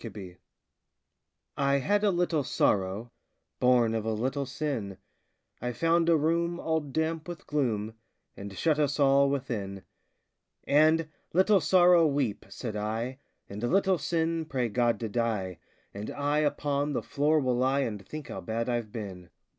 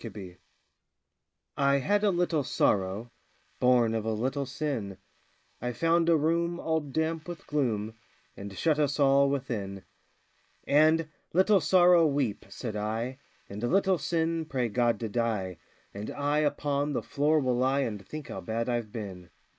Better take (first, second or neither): first